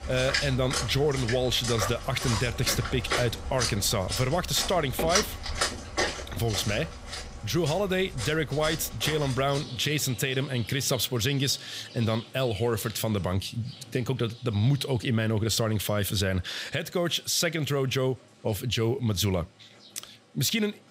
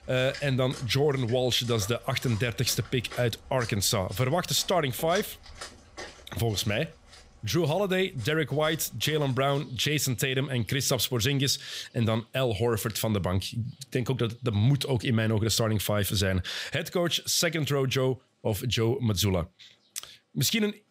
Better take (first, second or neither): second